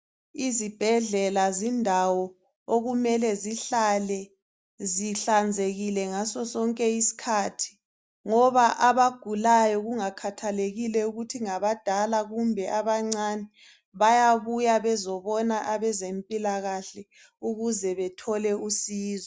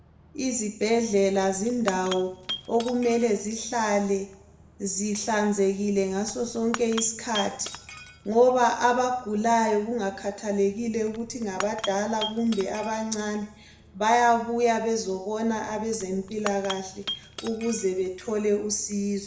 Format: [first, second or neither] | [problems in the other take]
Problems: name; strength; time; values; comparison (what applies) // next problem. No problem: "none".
first | background sound (Shatter / Crushing); 16 dB below the speech // room echo; dies away in 0.7 s